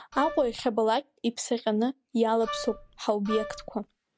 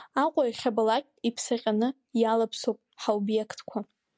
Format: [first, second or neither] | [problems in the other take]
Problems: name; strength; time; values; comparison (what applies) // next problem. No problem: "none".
second | background sound (Wind instrument, woodwind instrument); 11 dB below the speech